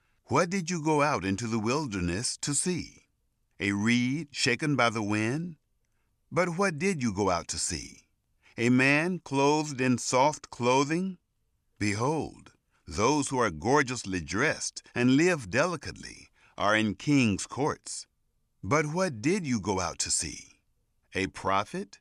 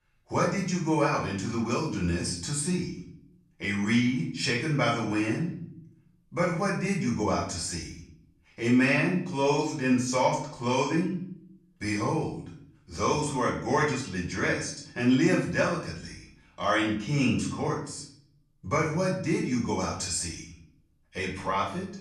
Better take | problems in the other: first | off-mic speech; far // room echo; noticeable; dies away in 0.6 s

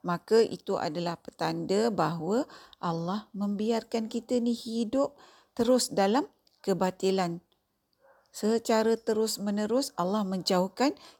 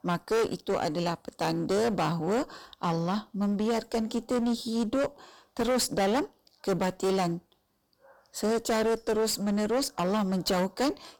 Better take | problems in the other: first | distortion; heavy; 18% of the sound clipped

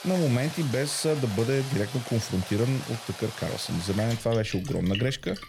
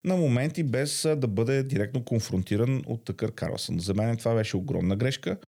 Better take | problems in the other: second | rain or running water; noticeable; throughout; 10 dB below the speech

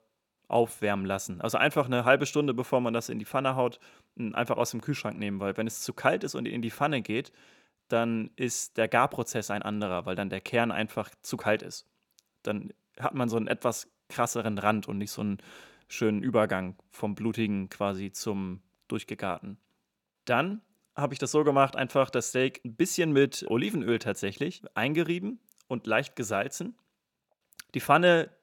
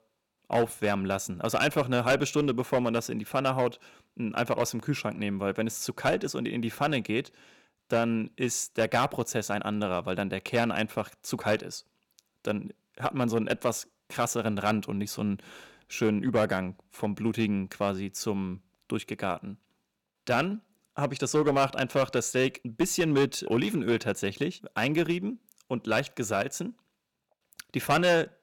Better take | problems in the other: first | distortion; slight; 4% of the sound clipped

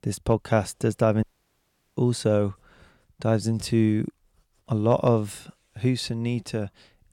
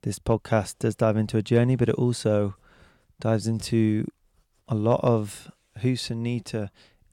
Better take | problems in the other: second | audio cutting out; at 1 s for 0.5 s

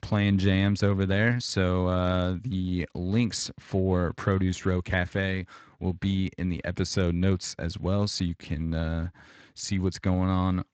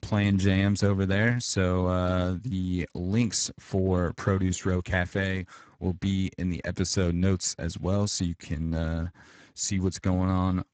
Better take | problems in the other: first | garbled, watery; badly; nothing above 7.5 kHz; slightly in the first

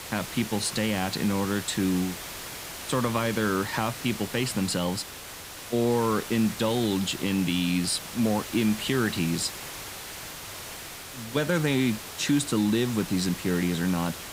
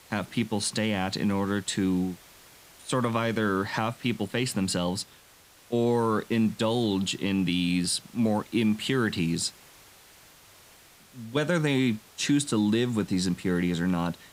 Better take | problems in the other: second | hiss; loud; throughout; 10 dB below the speech; faint in the second

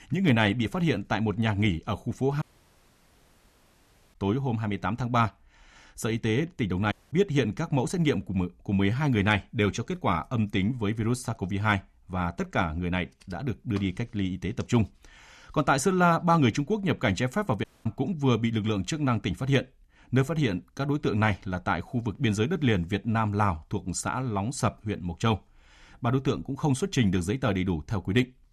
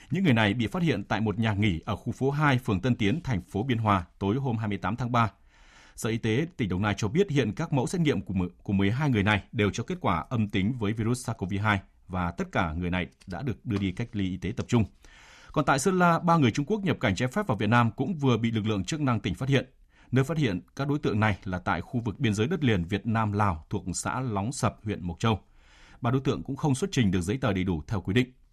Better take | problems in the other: second | audio cutting out; at 2.5 s for 1.5 s, at 7 s and at 18 s

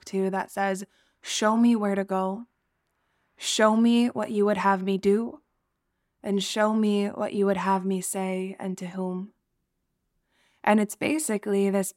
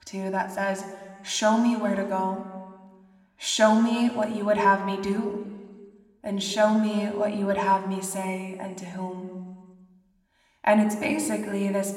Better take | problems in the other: first | room echo; slight; dies away in 1.4 s

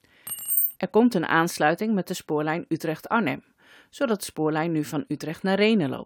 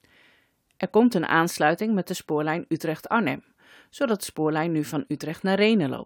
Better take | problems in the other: second | jangling keys; loud; at 0.5 s; peak 3 dB above the speech

